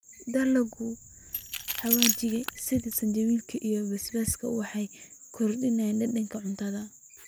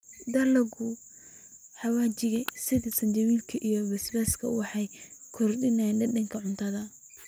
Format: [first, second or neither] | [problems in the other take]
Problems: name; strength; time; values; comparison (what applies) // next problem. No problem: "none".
second | background sound (Keys jangling); 4 dB below the speech